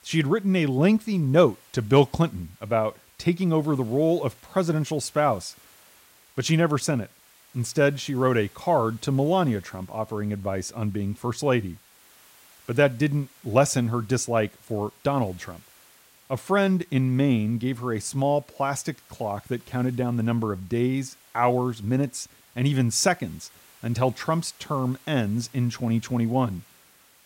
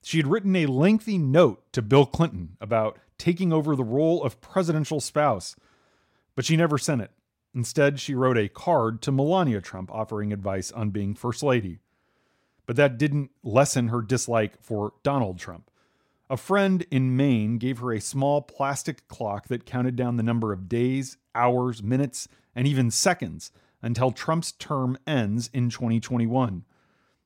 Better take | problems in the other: second | hiss; faint; throughout; 25 dB below the speech

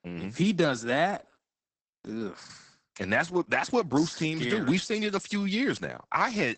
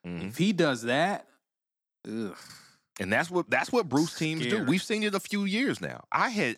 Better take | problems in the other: second | garbled, watery; badly; nothing above 8 kHz

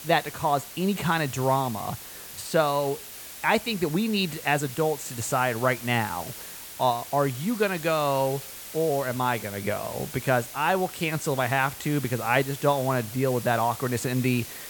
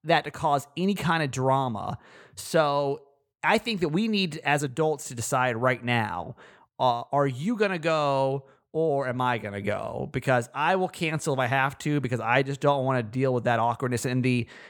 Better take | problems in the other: second | hiss; noticeable; throughout; 10 dB below the speech

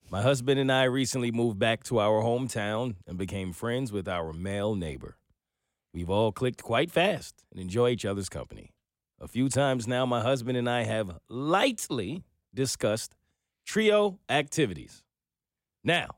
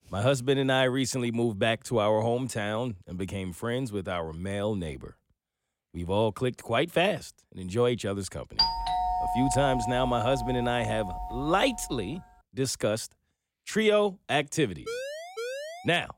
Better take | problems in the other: first | doorbell; loud; from 8.5 to 12 s; peak 3 dB above the speech // siren; noticeable; from 15 s on; peak 7 dB below the speech

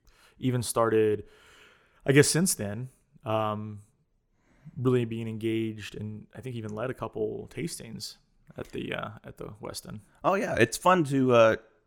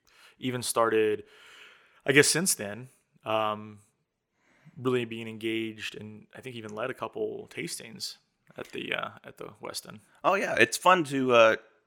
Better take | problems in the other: first | thin; very slightly; fading below 700 Hz

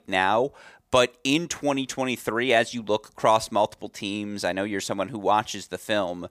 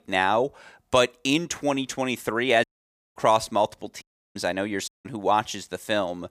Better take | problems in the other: first | audio cutting out; at 2.5 s for 0.5 s, at 4 s and at 5 s

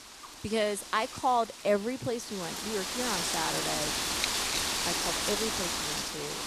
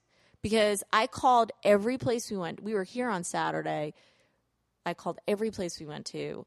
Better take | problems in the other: second | wind noise on the microphone; heavy; 2 dB above the speech

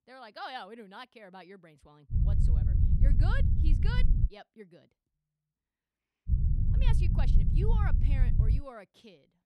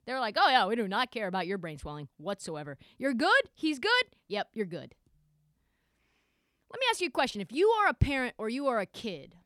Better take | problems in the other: second | low rumble; loud; from 2 to 4.5 s and from 6.5 to 8.5 s; 2 dB below the speech

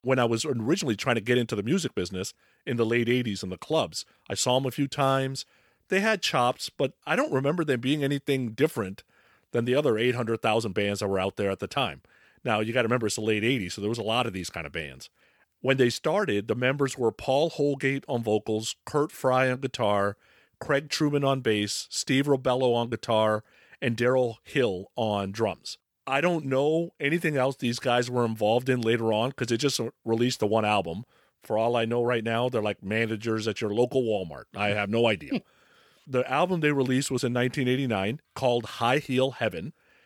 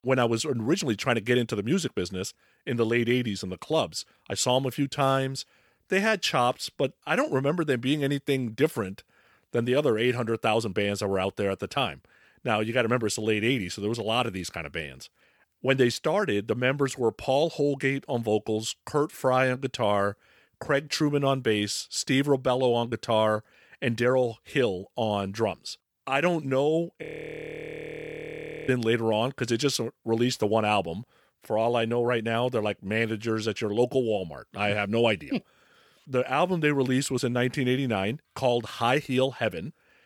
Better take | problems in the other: first | audio freezing; at 27 s for 1.5 s

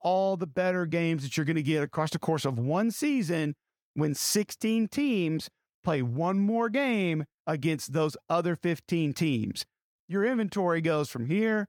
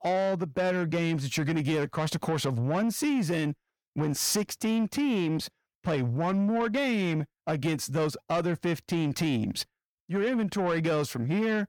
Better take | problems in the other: first | distortion; slight; 10 dB below the speech

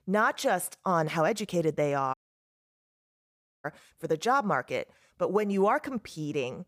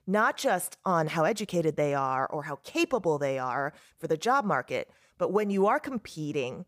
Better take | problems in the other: second | audio cutting out; at 2 s for 1.5 s

